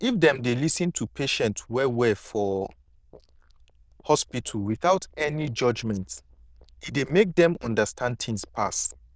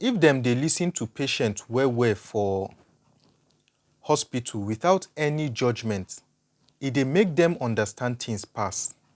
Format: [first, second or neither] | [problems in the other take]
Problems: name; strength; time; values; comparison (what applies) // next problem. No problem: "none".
second | noise reduction (neural diffusion model UNIVERSE++)